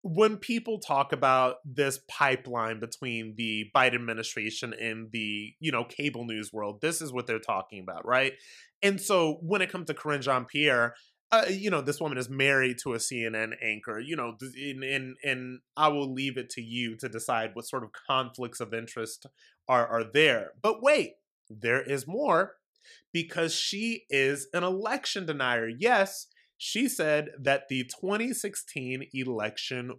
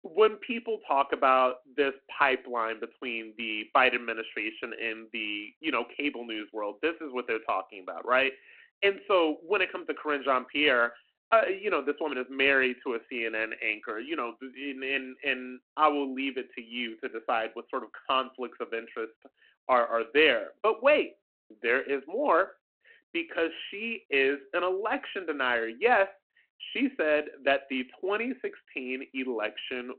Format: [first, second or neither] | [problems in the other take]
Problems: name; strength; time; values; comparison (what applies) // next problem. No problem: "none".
first | phone-call audio